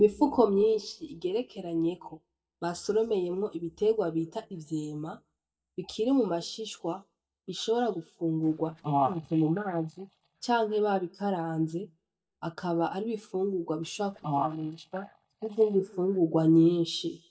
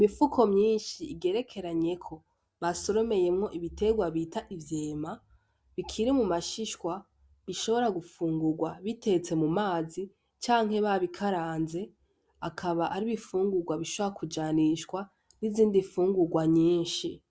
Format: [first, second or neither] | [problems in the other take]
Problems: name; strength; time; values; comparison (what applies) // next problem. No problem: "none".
second | noise reduction (neural mask model DeepFilterNet 3)